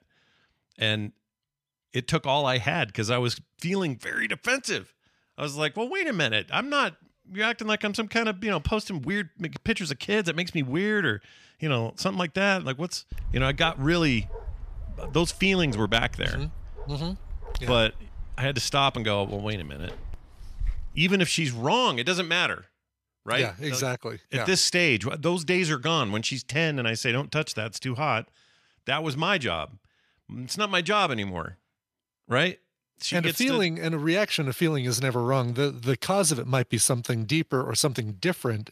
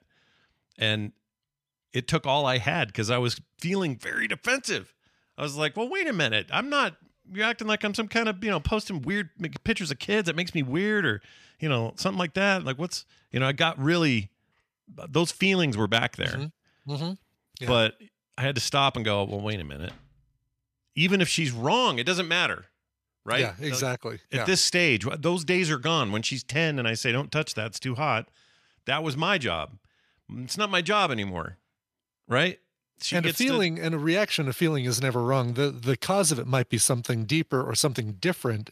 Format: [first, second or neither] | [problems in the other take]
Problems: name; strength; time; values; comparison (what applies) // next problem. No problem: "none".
second | dog barking; noticeable; from 13 to 21 s; peak 10 dB below the speech